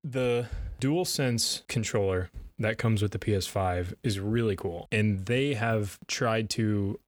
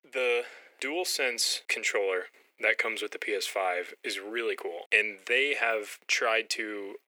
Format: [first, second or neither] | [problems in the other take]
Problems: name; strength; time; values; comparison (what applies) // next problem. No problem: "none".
first | thin; very; fading below 400 Hz